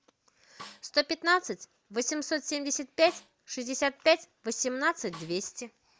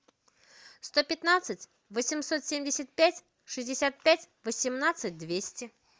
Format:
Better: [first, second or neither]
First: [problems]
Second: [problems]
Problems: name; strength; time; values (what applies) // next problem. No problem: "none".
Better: second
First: background sound (Snare drum); 20 dB below the speech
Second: none